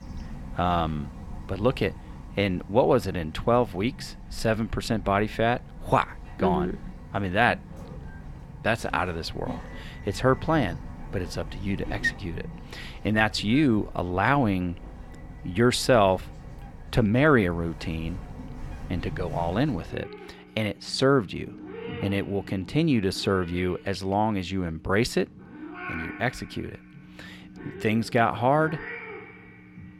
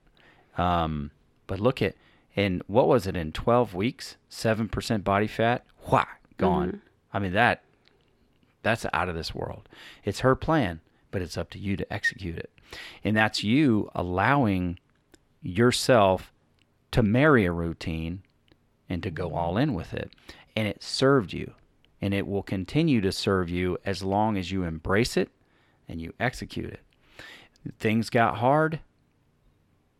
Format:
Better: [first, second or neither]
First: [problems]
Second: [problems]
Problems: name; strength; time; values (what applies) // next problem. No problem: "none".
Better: second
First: animal sounds; noticeable; throughout; 15 dB below the speech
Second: none